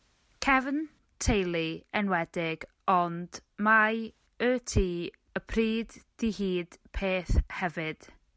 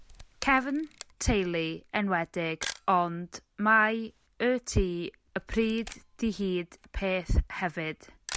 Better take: first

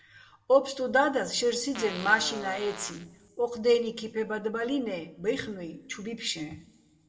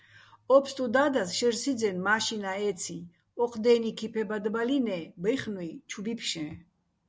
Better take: second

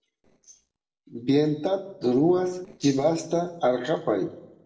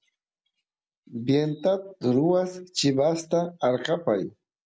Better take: second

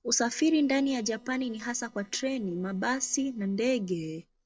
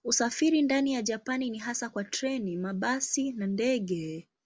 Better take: second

